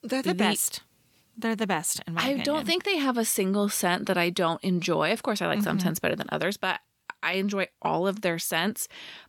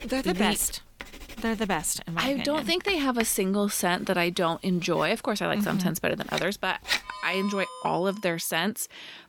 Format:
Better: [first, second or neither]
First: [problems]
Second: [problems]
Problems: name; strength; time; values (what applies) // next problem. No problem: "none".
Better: first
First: none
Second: household noises; noticeable; throughout; 10 dB below the speech